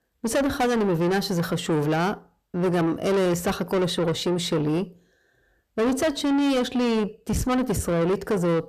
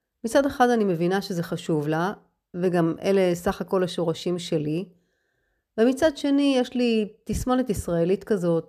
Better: second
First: distortion; heavy; 8 dB below the speech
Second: none

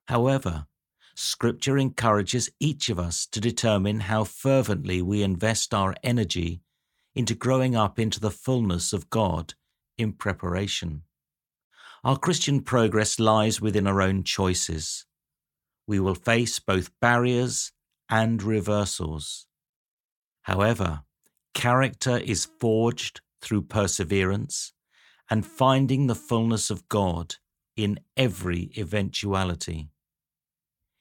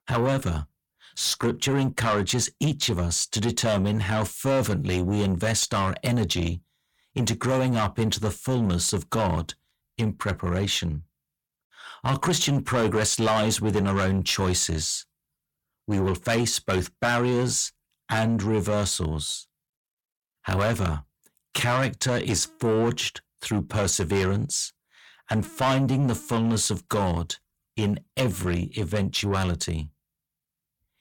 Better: first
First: none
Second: distortion; heavy; 7 dB below the speech

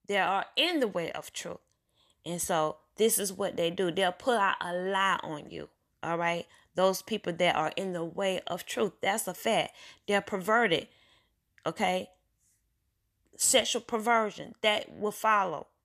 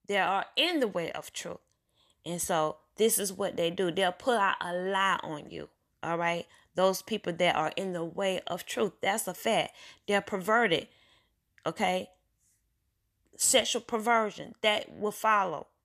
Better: neither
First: none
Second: none

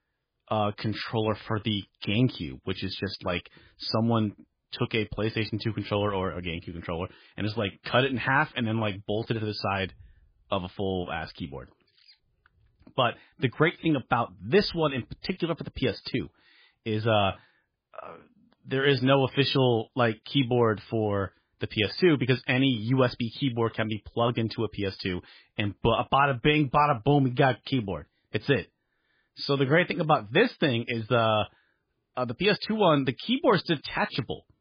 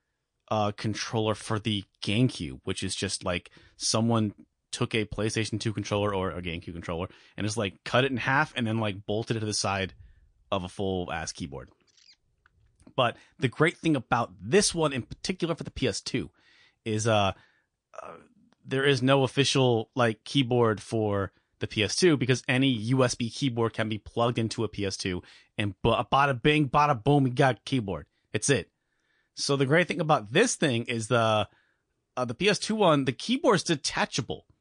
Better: second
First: garbled, watery; badly; nothing above 5 kHz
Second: garbled, watery; slightly; nothing above 9 kHz

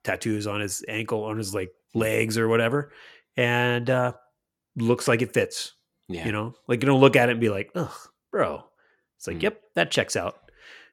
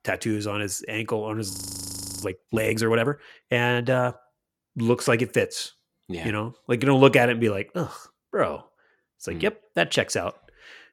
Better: first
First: none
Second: audio freezing; at 1.5 s for 0.5 s

